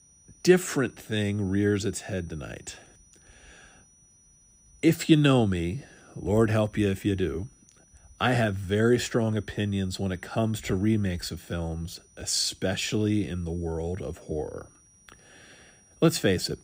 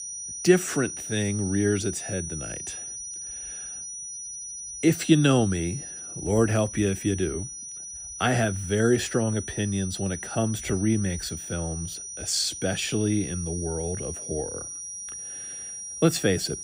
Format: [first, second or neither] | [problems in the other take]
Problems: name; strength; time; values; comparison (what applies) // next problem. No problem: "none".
first | high-pitched whine; loud; throughout; 6 kHz, 8 dB below the speech; faint in the first